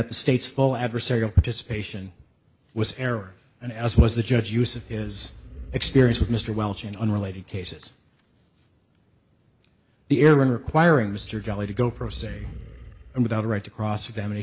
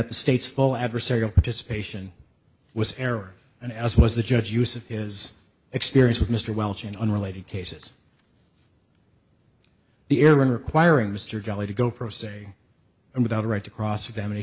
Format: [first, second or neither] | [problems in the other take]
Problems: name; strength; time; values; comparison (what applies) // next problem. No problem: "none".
second | background sound (Animal); 15 dB below the speech